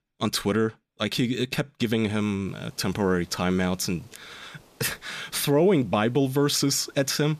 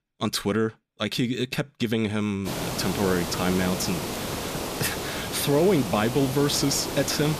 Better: first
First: hiss; faint; from 2.5 s on; 30 dB below the speech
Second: hiss; loud; from 2.5 s on; 5 dB below the speech

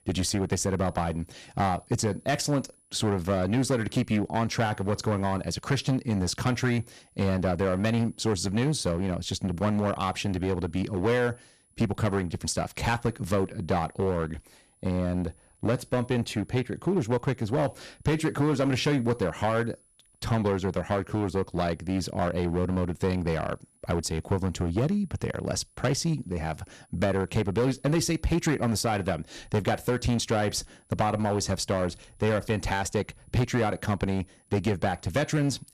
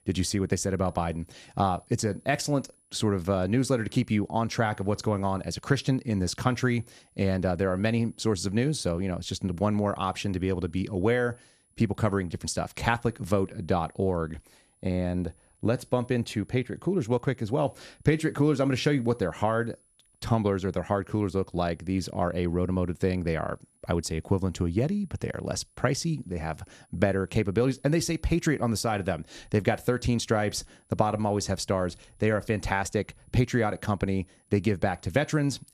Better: second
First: distortion; slight; 8% of the sound clipped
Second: none

